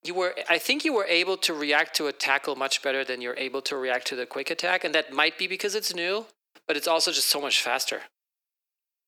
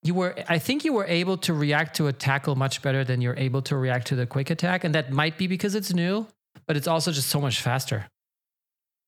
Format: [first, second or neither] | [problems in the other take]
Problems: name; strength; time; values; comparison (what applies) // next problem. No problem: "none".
second | thin; very; fading below 300 Hz